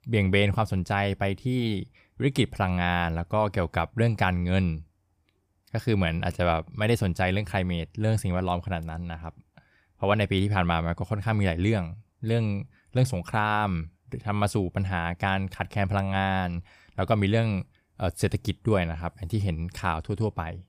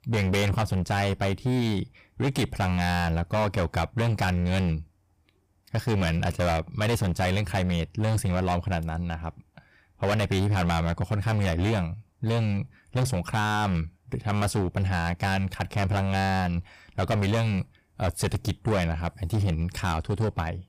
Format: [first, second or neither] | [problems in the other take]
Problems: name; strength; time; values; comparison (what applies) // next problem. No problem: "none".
first | distortion; heavy; 19% of the sound clipped